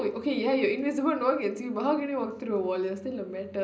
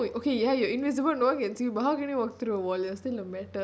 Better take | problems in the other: second | room echo; dies away in 0.5 s

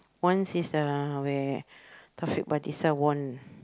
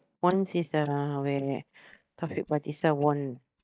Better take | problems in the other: first | noise reduction (neural mask model DeepFilterNet 3)

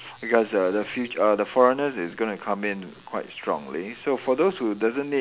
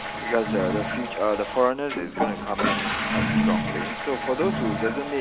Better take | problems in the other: first | background sound (Toilet flush / Water); as loud as the speech

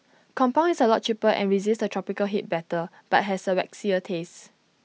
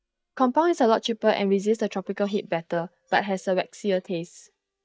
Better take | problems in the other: first | noise reduction (neural mask model DeepFilterNet 3)

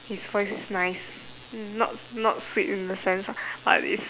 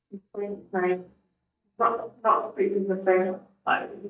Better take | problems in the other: first | noise reduction (neural mask model DeepFilterNet 3)

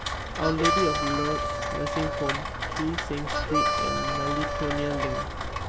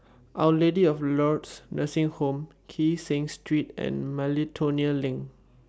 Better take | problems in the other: second | background sound (Harmonica + Rain); 3 dB above the speech

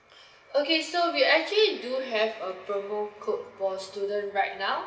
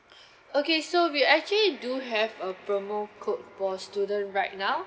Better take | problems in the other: second | room echo; dies away in 0.8 s

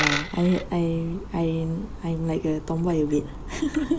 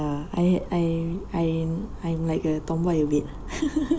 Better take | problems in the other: second | background sound (Coin (dropping)); 10 dB below the speech

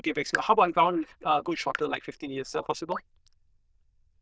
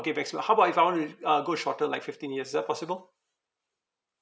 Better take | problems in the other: second | noise reduction (neural diffusion model UNIVERSE++)

